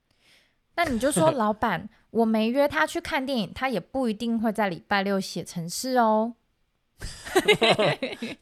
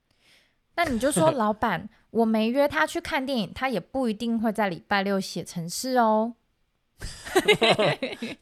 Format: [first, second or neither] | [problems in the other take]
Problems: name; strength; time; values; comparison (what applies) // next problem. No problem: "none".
neither | none